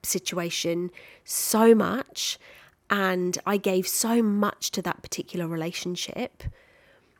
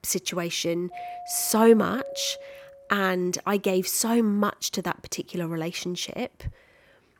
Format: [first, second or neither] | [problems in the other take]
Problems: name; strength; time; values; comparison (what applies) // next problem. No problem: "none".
first | doorbell; faint; from 1 to 3 s; peak 10 dB below the speech